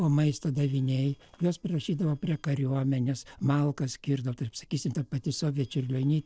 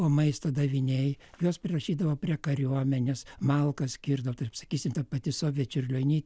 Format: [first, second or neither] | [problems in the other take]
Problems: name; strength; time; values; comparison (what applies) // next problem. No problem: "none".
second | noise reduction (neural separator model SepFormer DNS4)